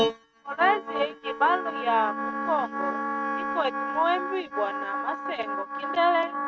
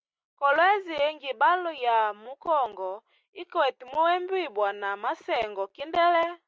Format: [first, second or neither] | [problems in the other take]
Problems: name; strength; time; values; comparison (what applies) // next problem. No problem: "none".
second | noise reduction (neural mask model RNNoise)